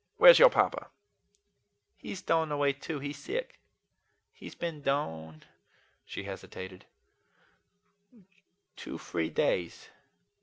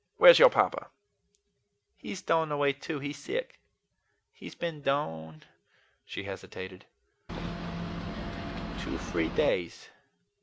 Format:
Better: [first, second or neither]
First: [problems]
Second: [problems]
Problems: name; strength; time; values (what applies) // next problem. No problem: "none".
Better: first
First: none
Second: background sound (Boat, Water vehicle); 5 dB below the speech